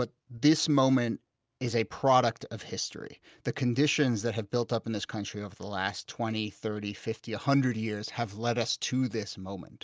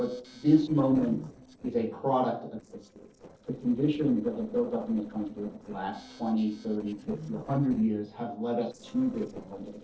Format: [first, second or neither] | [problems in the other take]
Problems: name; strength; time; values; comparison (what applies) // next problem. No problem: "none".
first | noise reduction (neural separator model SepFormer DNS4)